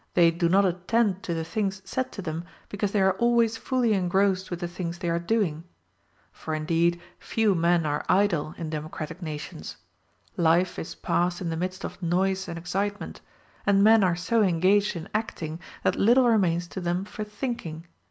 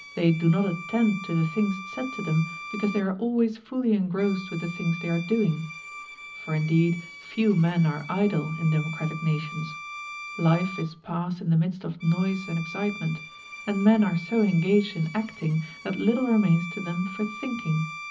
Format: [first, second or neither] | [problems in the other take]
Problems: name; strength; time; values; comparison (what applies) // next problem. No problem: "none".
first | background sound (Bowed string instrument); 14 dB below the speech // room echo; dies away in 0.4 s